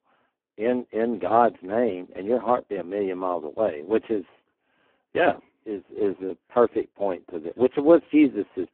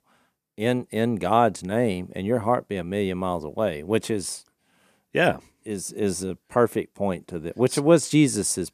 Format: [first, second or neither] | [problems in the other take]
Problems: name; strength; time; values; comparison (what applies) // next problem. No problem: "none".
second | phone-call audio; poor line